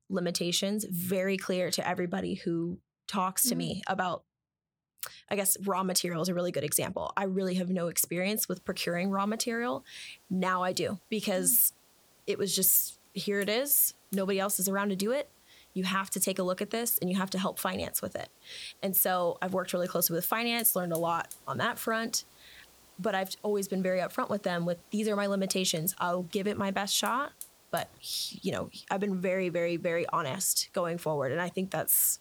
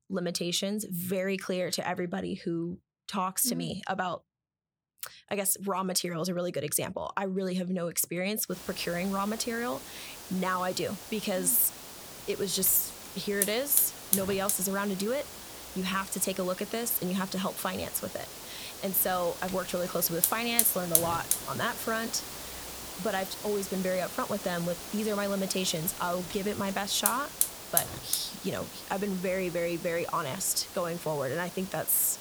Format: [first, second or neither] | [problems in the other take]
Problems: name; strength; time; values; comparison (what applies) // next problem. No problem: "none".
first | hiss; loud; from 8.5 s on; 5 dB below the speech; faint in the first